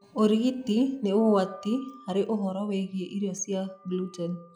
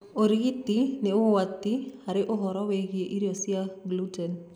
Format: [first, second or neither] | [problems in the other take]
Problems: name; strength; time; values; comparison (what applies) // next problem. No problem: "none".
second | noise reduction (classical method log-MMSE)